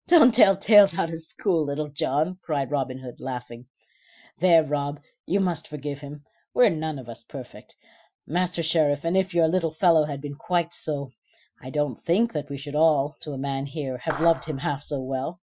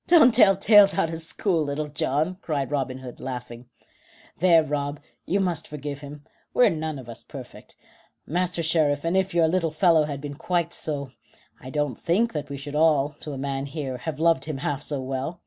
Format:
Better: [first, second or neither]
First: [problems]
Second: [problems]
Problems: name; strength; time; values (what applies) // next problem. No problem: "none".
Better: second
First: noise reduction (classical method Wiener filter)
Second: none